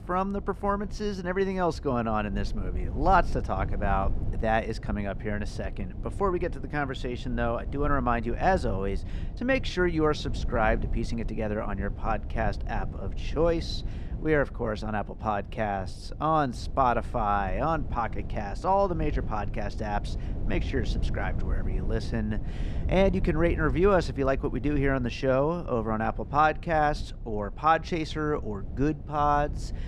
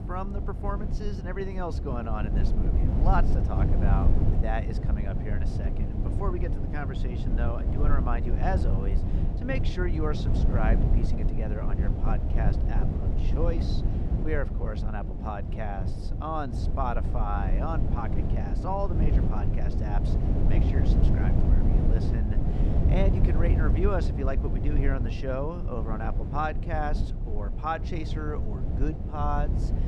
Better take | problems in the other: first | low rumble; loud; throughout; 5 dB below the speech; faint in the first

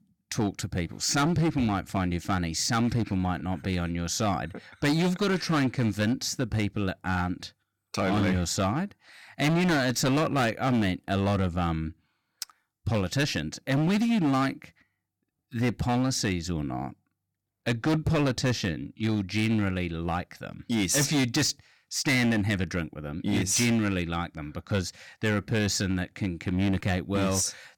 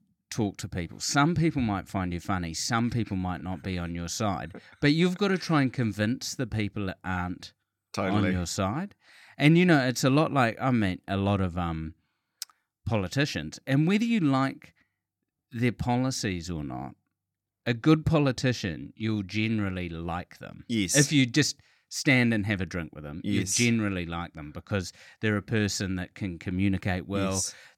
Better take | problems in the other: second | distortion; heavy; 12% of the sound clipped

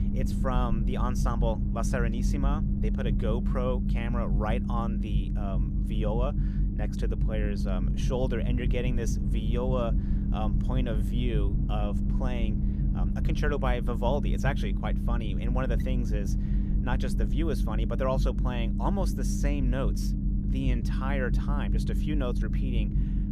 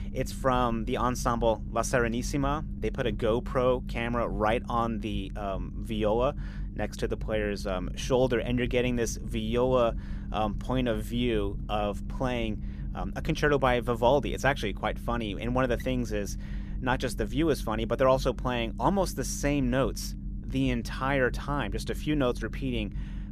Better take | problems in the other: second | low rumble; loud; throughout; 5 dB below the speech; faint in the second

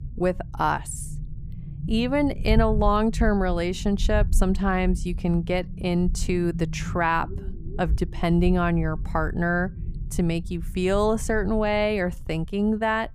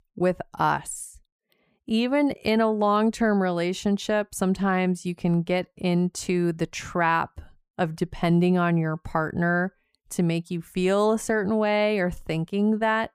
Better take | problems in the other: second | low rumble; faint; throughout; 20 dB below the speech

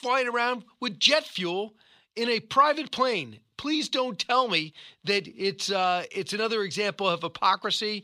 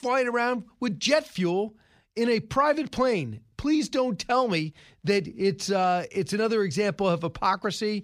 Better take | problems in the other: second | thin; very slightly; fading below 350 Hz

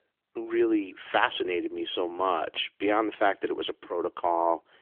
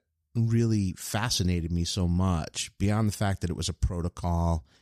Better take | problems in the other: second | phone-call audio; nothing above 3.5 kHz

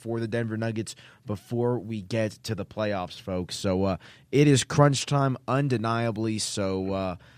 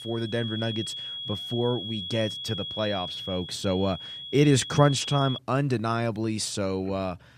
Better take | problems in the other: first | high-pitched whine; loud; until 5.5 s; 3.5 kHz, 7 dB below the speech

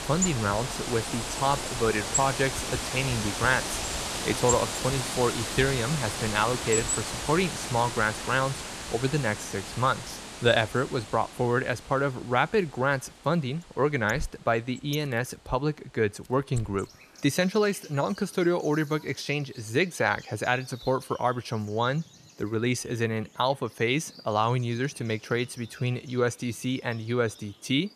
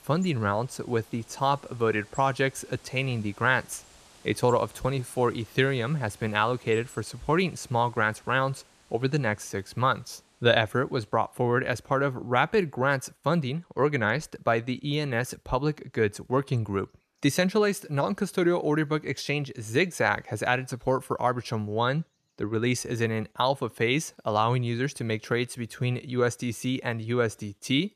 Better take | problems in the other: second | animal sounds; loud; throughout; 4 dB below the speech; faint in the second

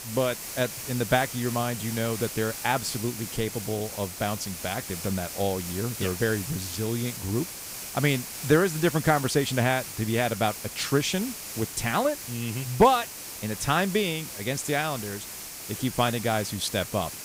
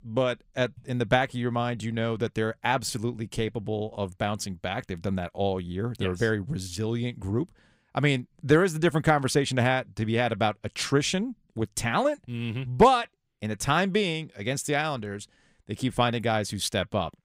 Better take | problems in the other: second | hiss; loud; throughout; 8 dB below the speech

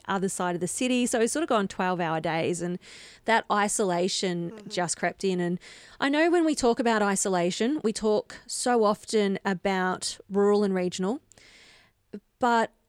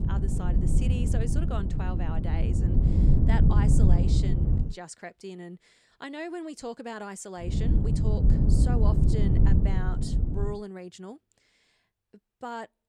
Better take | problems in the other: first | wind noise on the microphone; heavy; until 4.5 s and from 7.5 to 11 s; 1 dB above the speech

